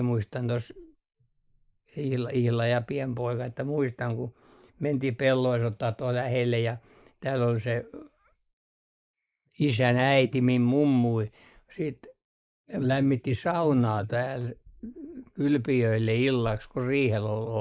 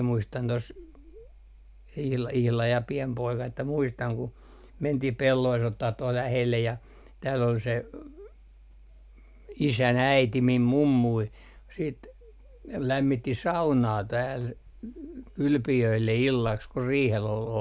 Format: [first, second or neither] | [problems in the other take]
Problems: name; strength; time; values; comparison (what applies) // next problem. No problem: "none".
second | noise reduction (neural mask model Resemble Enhance denoiser)